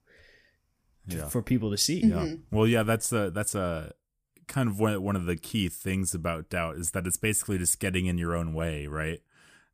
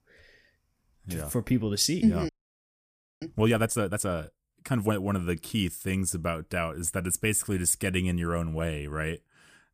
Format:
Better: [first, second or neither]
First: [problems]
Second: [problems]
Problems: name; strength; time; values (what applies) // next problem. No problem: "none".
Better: first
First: none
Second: audio freezing; at 2.5 s for 1 s